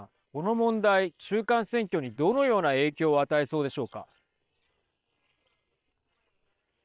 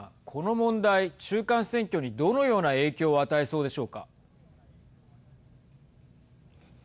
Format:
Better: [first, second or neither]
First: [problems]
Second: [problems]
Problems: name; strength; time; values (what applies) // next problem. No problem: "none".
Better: second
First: noise reduction (neural separator model SepFormer WHAM!)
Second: none